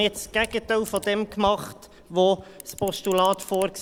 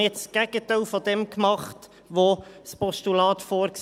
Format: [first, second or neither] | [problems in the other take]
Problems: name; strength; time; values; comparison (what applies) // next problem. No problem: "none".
second | background sound (Camera); 19 dB below the speech